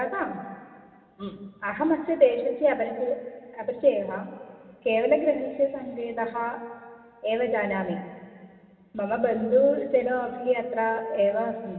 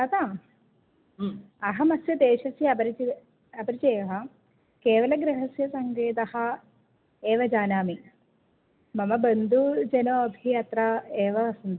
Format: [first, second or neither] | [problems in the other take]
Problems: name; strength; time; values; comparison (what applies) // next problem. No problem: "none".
second | room echo; dies away in 2.2 s